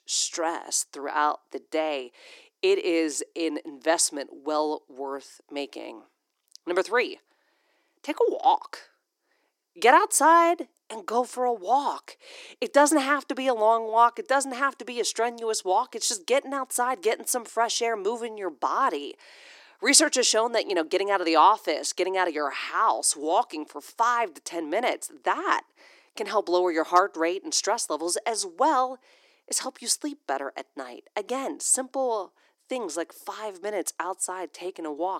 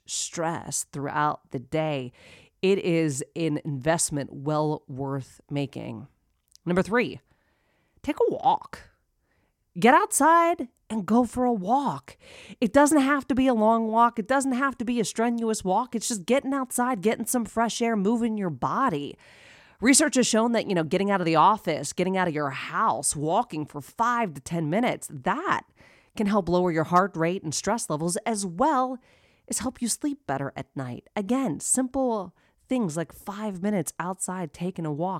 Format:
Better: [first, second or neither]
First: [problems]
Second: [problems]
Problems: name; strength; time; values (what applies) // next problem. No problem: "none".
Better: second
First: thin; somewhat; fading below 350 Hz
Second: none